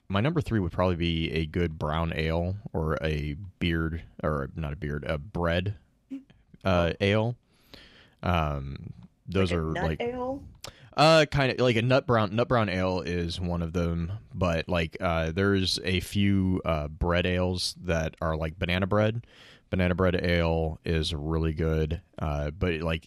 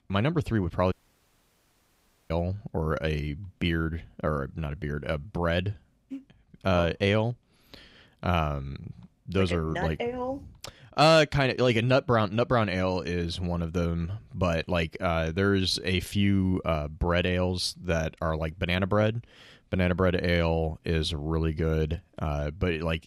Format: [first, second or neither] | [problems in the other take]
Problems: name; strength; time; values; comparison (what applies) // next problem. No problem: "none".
first | audio cutting out; at 1 s for 1.5 s